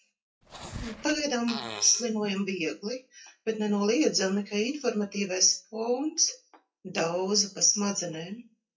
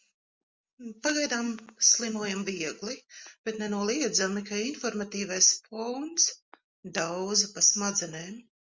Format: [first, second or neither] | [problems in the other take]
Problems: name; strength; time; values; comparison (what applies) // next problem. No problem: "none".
second | noise reduction (classical method WPE with log-MMSE)